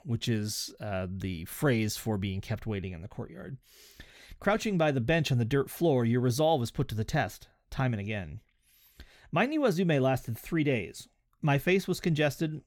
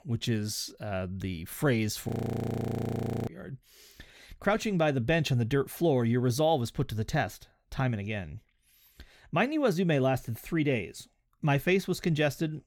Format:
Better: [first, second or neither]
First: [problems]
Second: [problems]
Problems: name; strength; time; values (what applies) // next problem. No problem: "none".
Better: first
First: none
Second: audio freezing; at 2 s for 1 s